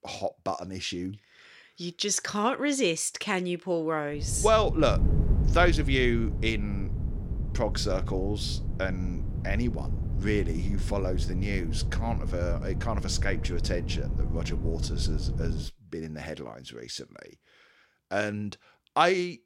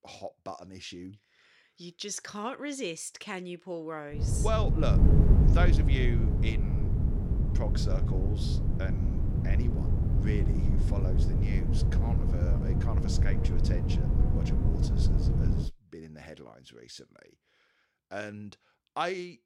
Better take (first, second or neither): first